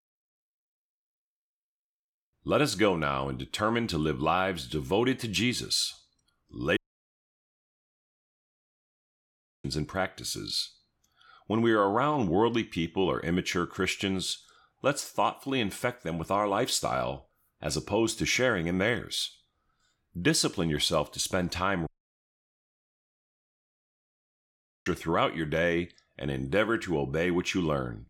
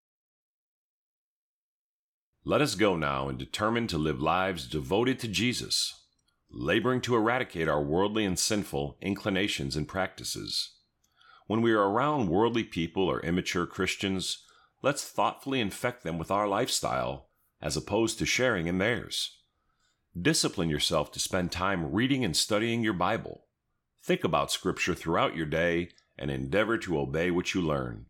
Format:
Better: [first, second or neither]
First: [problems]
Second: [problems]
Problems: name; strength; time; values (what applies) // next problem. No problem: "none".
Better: second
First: audio cutting out; at 7 s for 3 s and at 22 s for 3 s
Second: none